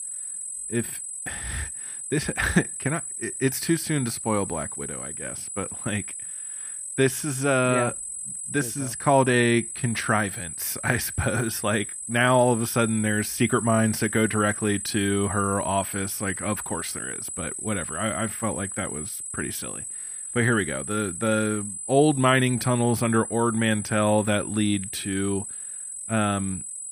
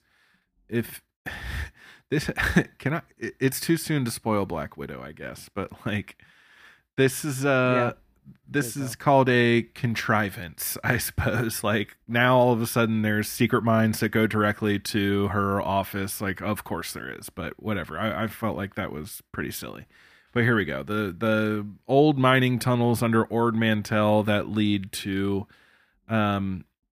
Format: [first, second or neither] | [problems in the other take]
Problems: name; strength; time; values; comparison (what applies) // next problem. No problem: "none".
second | high-pitched whine; loud; throughout; 8 kHz, 6 dB below the speech